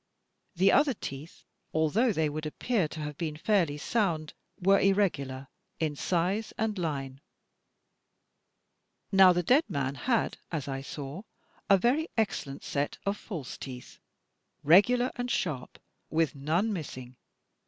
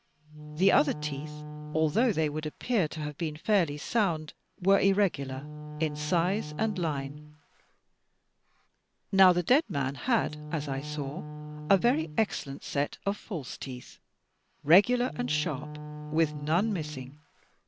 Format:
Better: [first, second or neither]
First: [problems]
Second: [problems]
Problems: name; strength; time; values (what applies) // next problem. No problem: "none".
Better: first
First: none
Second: background sound (Wind instrument, woodwind instrument); 12 dB below the speech